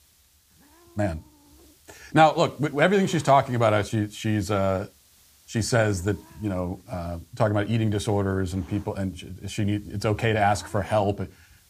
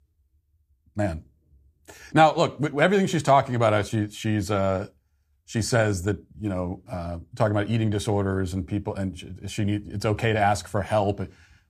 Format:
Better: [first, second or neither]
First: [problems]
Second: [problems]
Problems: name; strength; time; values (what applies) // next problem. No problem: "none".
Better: second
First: hiss; faint; throughout; 30 dB below the speech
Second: none